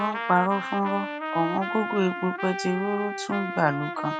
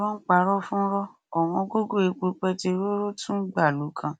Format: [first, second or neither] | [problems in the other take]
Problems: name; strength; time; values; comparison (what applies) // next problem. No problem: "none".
second | background sound (Trumpet); 6 dB below the speech